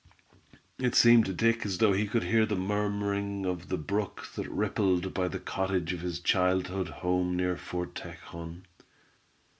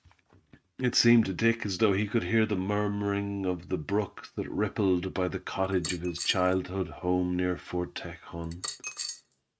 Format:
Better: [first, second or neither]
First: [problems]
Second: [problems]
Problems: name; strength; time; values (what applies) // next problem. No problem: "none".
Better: first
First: none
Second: noise reduction (neural mask model RNNoise)